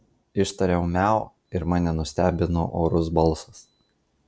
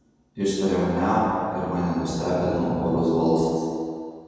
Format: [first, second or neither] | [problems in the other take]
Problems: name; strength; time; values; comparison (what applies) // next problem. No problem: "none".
first | room echo; dies away in 2.1 s